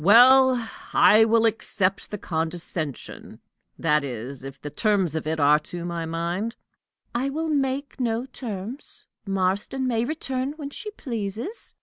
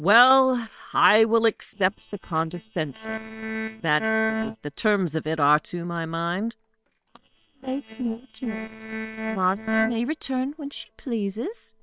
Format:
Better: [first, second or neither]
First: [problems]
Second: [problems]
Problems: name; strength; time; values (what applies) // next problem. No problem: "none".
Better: first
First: none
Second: noise reduction (neural separator model SepFormer WHAM!)